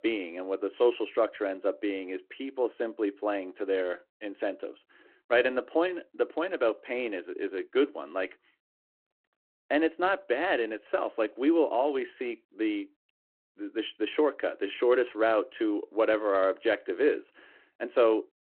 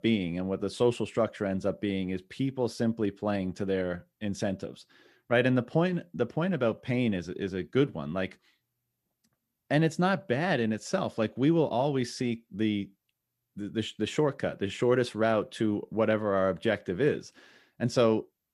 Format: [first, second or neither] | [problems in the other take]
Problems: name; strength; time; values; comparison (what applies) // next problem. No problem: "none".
second | phone-call audio